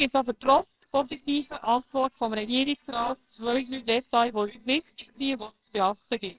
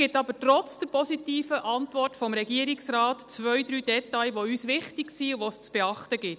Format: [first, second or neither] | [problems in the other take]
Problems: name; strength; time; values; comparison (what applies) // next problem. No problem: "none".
second | noise reduction (neural separator model SepFormer WHAMR!)